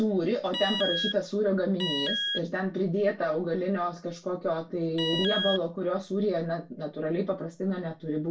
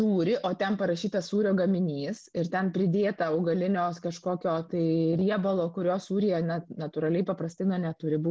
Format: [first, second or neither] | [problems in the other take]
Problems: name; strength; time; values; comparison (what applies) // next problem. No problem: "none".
second | background sound (Alarm); 4 dB below the speech // room echo; dies away in 0.2 s